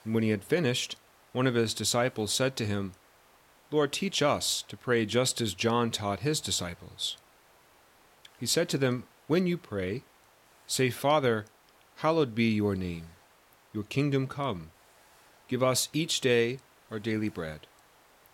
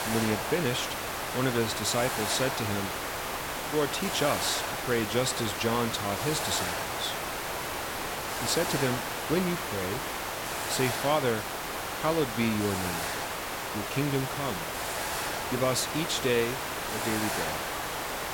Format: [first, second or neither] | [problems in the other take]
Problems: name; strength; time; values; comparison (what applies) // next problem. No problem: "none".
first | hiss; loud; throughout; 1 dB below the speech; faint in the first